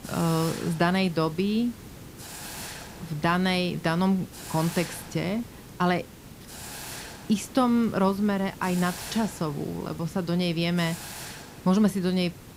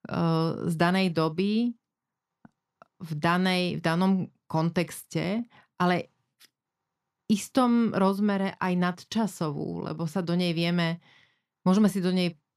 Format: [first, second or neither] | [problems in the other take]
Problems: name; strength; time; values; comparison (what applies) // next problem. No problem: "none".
second | hiss; noticeable; throughout; 15 dB below the speech